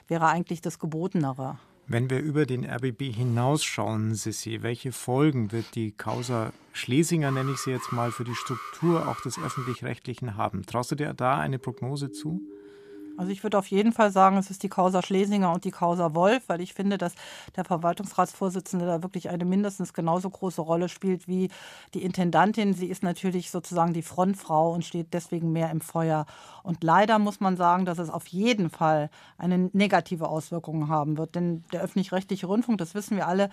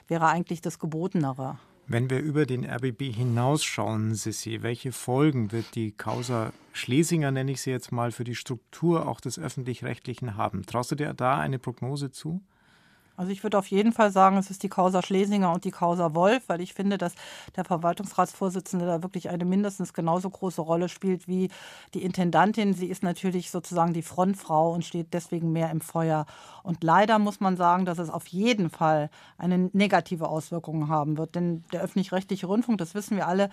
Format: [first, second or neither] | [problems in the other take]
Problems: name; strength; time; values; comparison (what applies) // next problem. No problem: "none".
second | alarm; noticeable; from 7 to 10 s; peak 9 dB below the speech // siren; faint; from 12 to 13 s; peak 15 dB below the speech